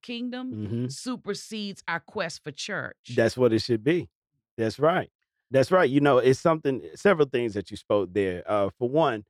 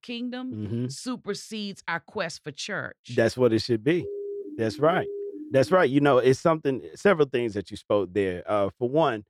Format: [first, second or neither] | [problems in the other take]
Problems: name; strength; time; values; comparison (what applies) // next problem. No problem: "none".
first | siren; noticeable; from 4 to 6 s; peak 9 dB below the speech